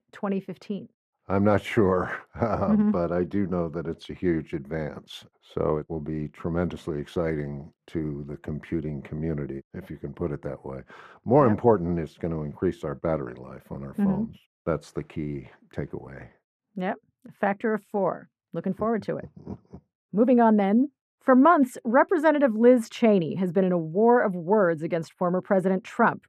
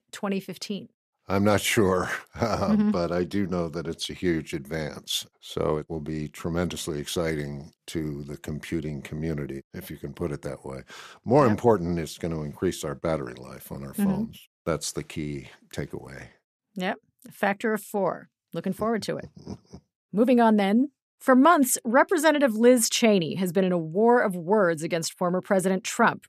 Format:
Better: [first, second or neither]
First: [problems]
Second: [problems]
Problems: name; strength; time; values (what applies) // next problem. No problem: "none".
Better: second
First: muffled; very; fading above 3 kHz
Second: none